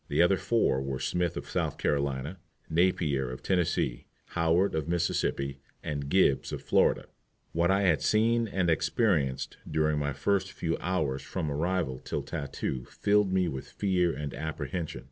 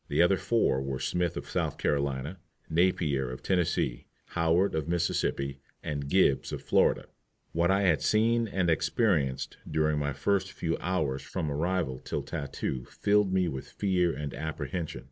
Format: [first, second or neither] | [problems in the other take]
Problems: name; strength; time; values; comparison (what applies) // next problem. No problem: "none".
first | noise reduction (neural mask model Resemble Enhance denoiser)